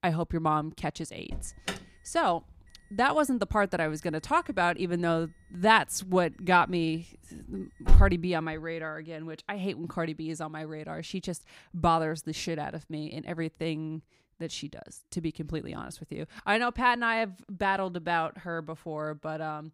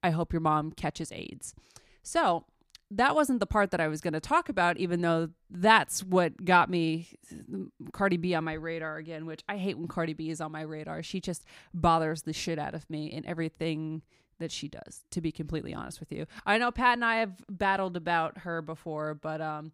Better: second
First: alarm; loud; from 1.5 to 8 s; peak 5 dB above the speech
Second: none

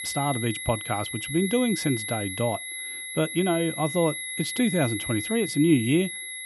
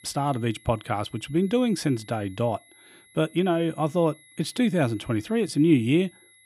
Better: second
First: high-pitched whine; loud; throughout; 2 kHz, 5 dB below the speech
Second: high-pitched whine; faint; throughout; 2 kHz, 25 dB below the speech

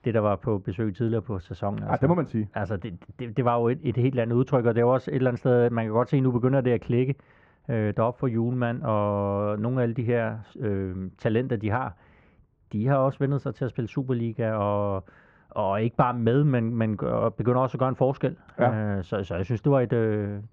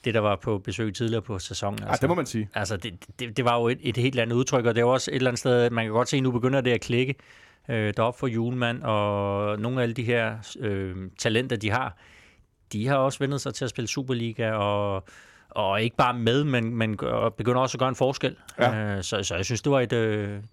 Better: second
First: muffled; very; fading above 1.5 kHz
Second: none

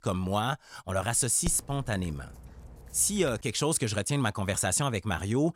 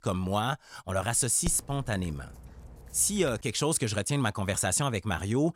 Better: neither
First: dog barking; faint; from 1.5 to 3.5 s; peak 15 dB below the speech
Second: dog barking; faint; from 1.5 to 3.5 s; peak 15 dB below the speech

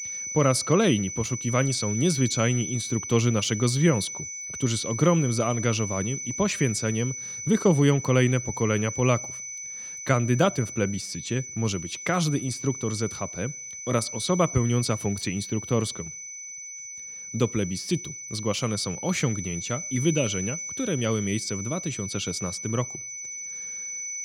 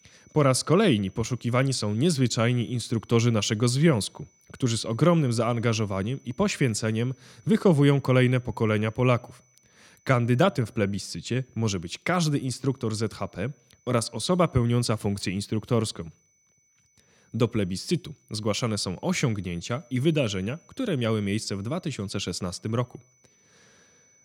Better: second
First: high-pitched whine; loud; throughout; 6 kHz, 7 dB below the speech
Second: high-pitched whine; faint; throughout; 6 kHz, 35 dB below the speech

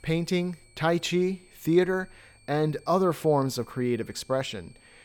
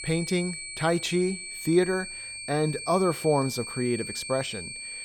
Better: first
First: high-pitched whine; faint; throughout; 2.5 kHz, 30 dB below the speech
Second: high-pitched whine; loud; throughout; 2.5 kHz, 8 dB below the speech

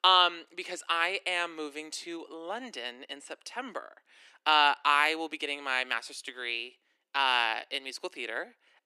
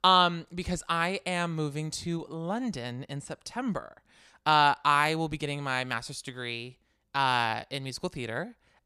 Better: second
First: thin; very; fading below 300 Hz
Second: none

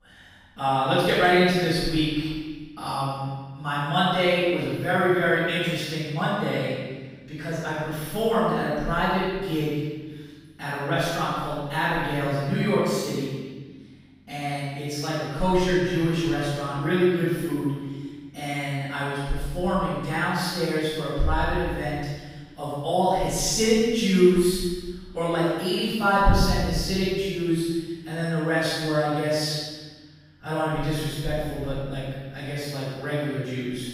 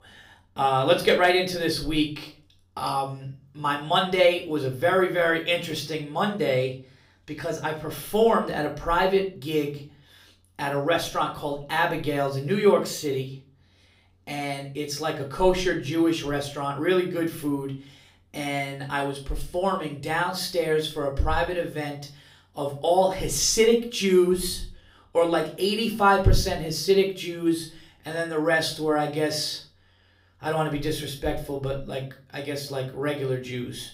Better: second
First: room echo; strong; dies away in 1.4 s // off-mic speech; far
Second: room echo; slight; dies away in 0.3 s // off-mic speech; somewhat distant

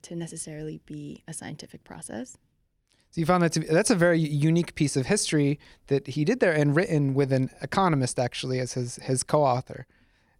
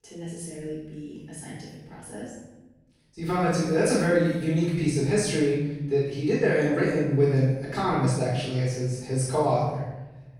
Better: first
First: none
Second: off-mic speech; far // room echo; strong; dies away in 1 s

